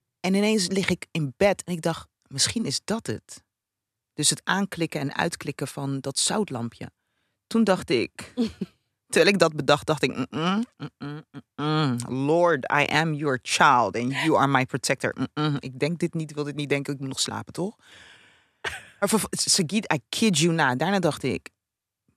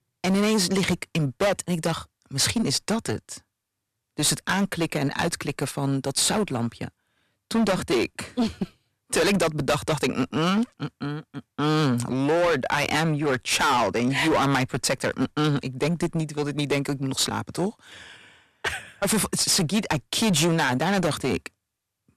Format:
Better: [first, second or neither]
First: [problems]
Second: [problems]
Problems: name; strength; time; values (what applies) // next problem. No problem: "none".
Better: first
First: none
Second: distortion; heavy; 13% of the sound clipped